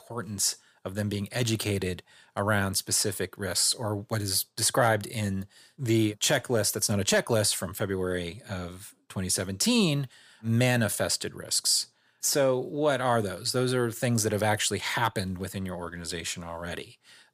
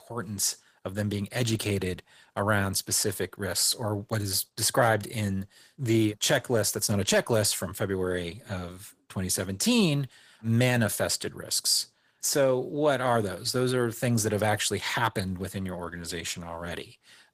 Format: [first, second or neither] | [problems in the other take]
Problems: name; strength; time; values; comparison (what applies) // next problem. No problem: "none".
first | garbled, watery; slightly; nothing above 15 kHz